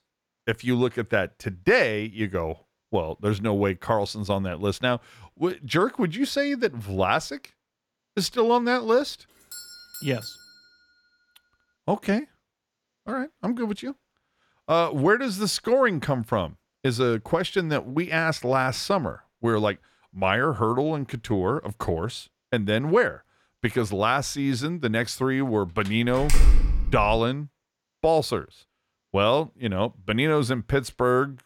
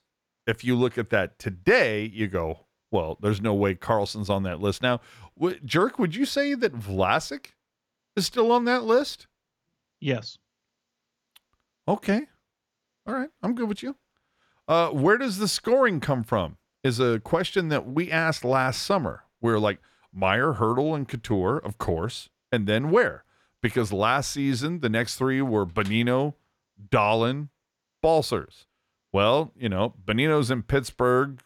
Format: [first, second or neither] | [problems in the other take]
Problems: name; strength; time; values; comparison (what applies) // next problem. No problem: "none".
second | doorbell; faint; from 9.5 to 11 s; peak 15 dB below the speech // door banging; loud; at 26 s; peak 3 dB above the speech